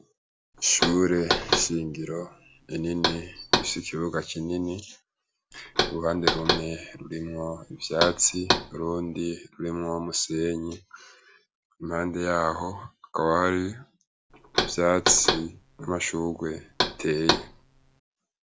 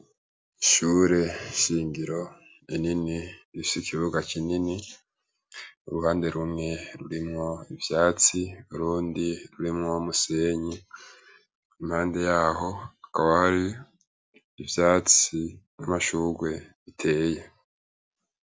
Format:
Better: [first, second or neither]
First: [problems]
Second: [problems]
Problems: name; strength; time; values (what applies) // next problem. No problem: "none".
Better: second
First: background sound (Knock); 1 dB below the speech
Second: none